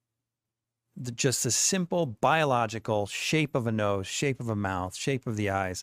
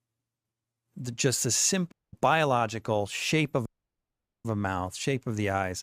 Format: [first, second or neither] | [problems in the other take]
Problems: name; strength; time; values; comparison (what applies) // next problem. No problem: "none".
first | audio cutting out; at 2 s and at 3.5 s for 1 s